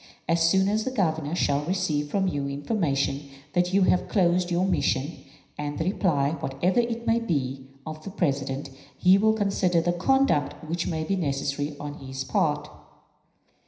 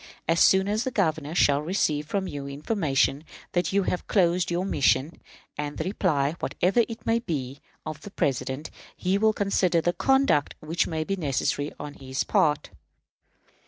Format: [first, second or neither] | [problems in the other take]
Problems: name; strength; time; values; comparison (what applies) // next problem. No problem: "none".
second | room echo; dies away in 0.9 s